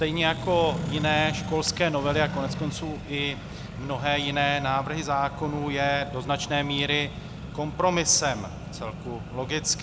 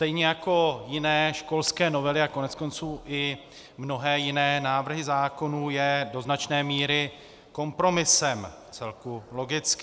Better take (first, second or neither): second